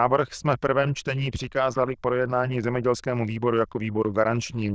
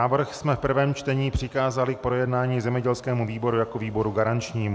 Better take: second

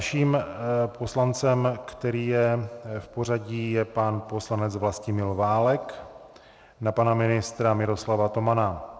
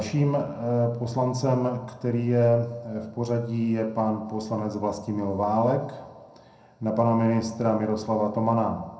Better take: first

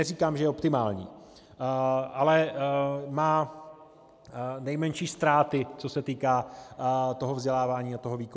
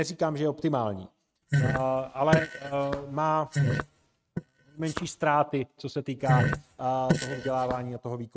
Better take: first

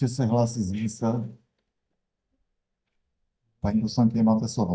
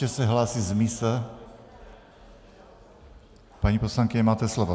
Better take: second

